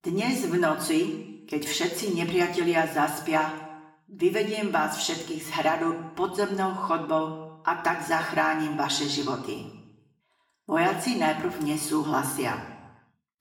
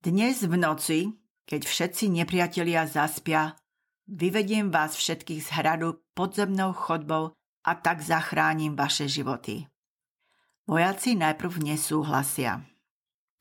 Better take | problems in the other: second | room echo; slight; dies away in 0.8 s // off-mic speech; far

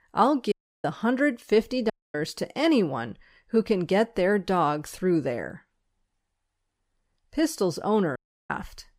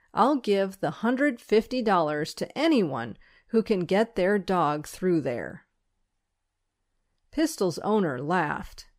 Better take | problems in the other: second | audio cutting out; at 0.5 s, at 2 s and at 8 s

